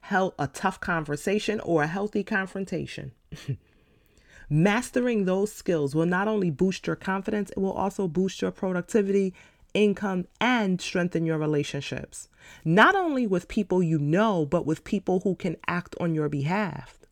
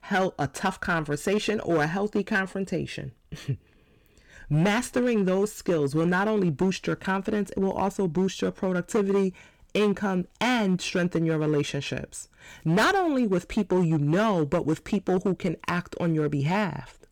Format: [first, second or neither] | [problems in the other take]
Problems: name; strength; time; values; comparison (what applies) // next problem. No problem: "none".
first | distortion; slight; 7% of the sound clipped